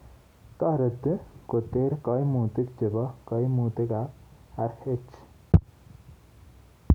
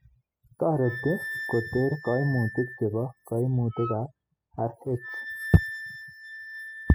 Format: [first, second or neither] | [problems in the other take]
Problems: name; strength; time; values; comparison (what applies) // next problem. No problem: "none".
first | noise reduction (classical method spectral subtraction)